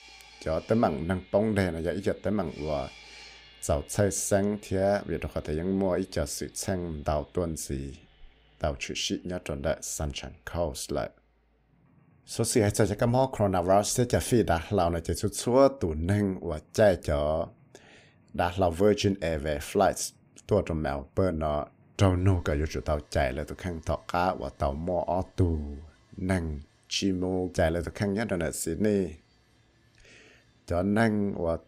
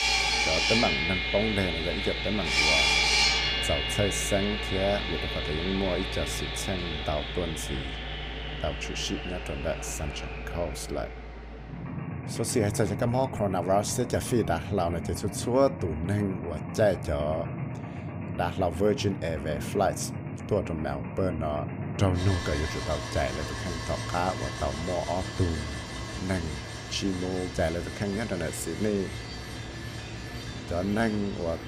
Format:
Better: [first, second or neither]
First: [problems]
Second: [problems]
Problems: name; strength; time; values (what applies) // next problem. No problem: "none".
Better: first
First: machinery noise; faint; throughout; 30 dB below the speech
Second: machinery noise; loud; throughout; 1 dB below the speech